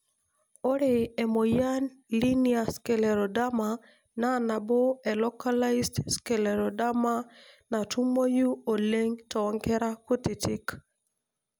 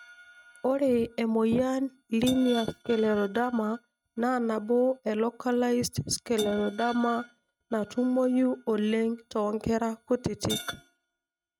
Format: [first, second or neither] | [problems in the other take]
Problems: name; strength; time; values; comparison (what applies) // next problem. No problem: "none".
first | noise reduction (neural mask model RNNoise)